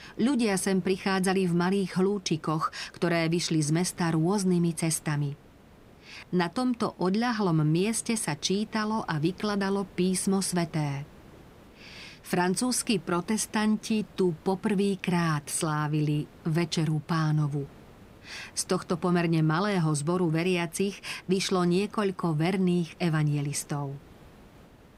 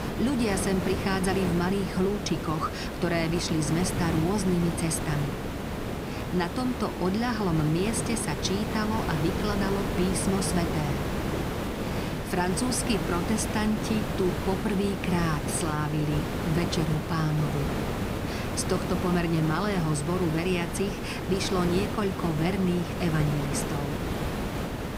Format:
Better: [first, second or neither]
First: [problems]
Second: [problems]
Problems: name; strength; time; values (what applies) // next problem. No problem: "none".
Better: first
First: hiss; faint; throughout; 25 dB below the speech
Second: hiss; loud; throughout; 3 dB below the speech